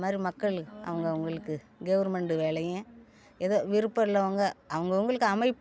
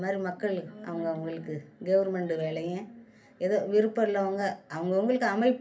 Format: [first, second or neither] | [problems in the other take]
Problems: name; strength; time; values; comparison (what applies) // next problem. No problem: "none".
first | room echo; dies away in 0.3 s